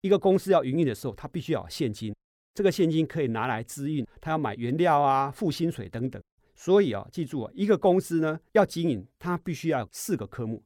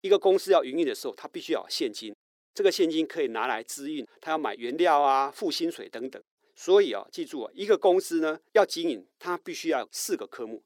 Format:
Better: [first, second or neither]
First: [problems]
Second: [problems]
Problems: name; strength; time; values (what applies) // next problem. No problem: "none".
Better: first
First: none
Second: thin; somewhat; fading below 350 Hz